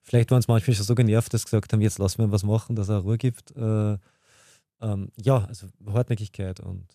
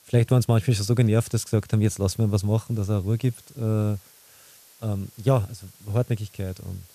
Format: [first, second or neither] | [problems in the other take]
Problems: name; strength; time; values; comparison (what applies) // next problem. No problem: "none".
first | hiss; faint; throughout; 25 dB below the speech